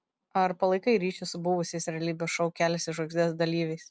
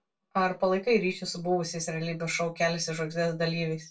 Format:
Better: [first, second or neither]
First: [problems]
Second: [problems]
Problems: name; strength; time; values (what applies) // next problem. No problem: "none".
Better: first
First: none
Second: room echo; dies away in 0.2 s